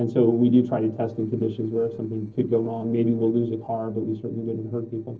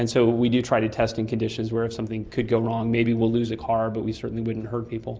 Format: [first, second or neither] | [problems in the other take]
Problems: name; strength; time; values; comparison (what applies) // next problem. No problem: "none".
second | noise reduction (neural separator model SepFormer DNS4)